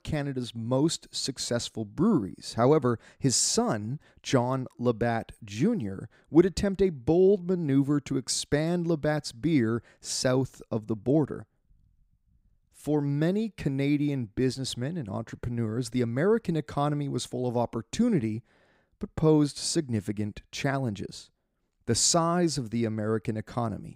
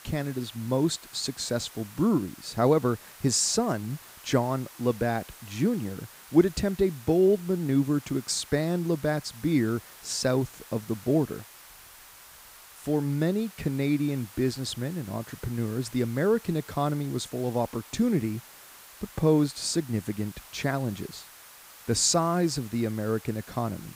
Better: first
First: none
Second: hiss; noticeable; throughout; 20 dB below the speech

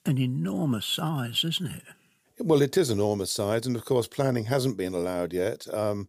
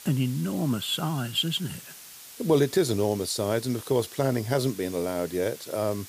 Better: first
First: none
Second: hiss; noticeable; throughout; 15 dB below the speech

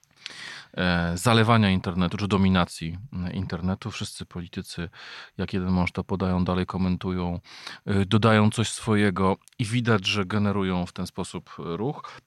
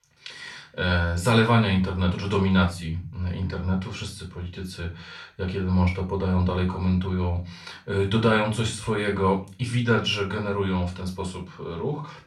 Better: first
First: none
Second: off-mic speech; far // room echo; slight; dies away in 0.3 s

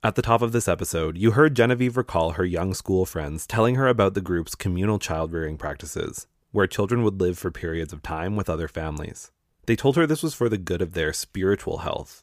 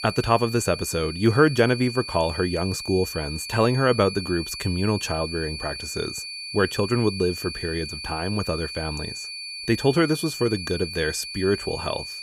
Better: first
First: none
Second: high-pitched whine; loud; throughout; 4.5 kHz, 8 dB below the speech

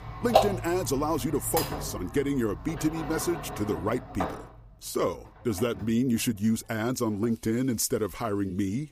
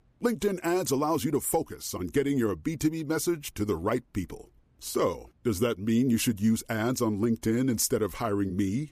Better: second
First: household noises; loud; throughout; 4 dB below the speech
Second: none

